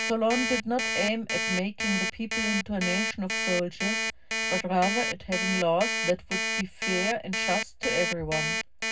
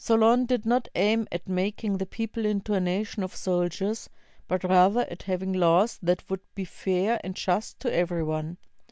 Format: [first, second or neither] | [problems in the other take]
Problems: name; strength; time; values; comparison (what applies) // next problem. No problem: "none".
second | background sound (Alarm); 1 dB below the speech // room echo; dies away in 0.4 s